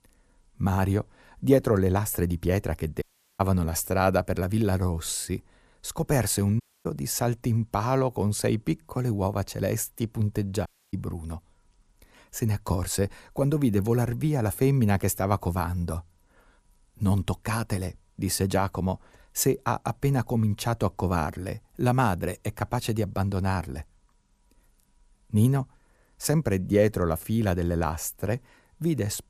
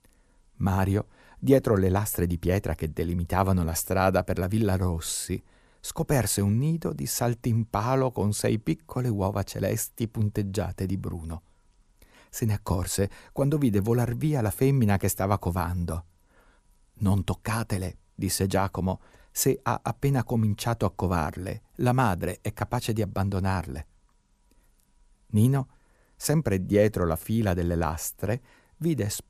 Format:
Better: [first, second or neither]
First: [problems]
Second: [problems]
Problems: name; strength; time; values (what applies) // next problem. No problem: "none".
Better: second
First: audio cutting out; at 3 s, at 6.5 s and at 11 s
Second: none